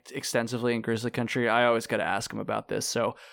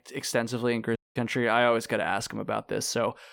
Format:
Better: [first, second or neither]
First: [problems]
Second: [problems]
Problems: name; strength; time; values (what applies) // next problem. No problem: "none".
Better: first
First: none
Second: audio cutting out; at 1 s